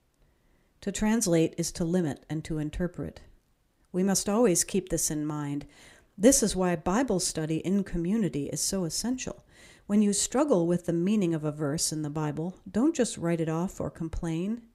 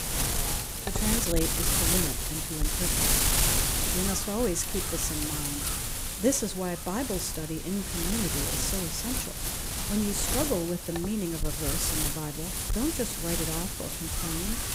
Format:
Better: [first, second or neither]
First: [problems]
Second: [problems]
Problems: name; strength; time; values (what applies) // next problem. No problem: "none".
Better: first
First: none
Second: wind noise on the microphone; heavy; 4 dB above the speech